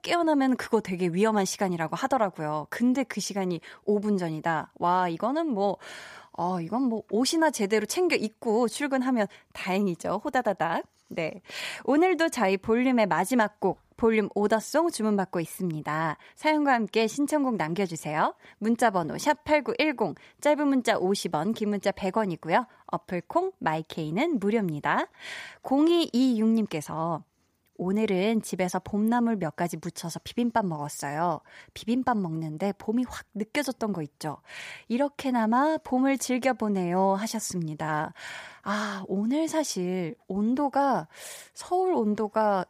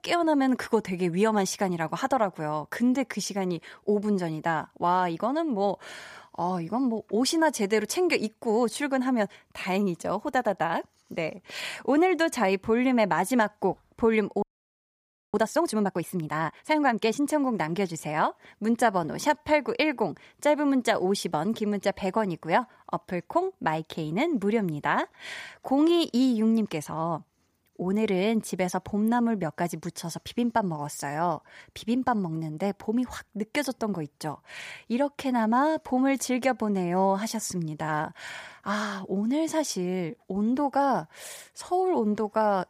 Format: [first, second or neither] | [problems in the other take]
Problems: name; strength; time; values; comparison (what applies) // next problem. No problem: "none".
first | audio freezing; at 14 s for 1 s